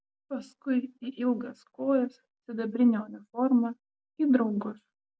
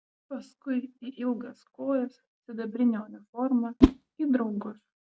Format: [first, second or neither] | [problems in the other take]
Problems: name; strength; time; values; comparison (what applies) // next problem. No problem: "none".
first | background sound (Whoosh, swoosh, swish); 2 dB above the speech